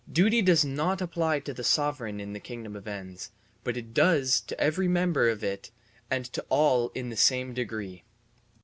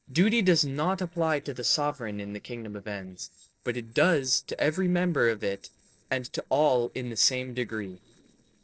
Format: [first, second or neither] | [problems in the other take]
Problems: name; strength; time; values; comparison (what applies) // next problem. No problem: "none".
first | noise reduction (neural separator model SepFormer DNS4)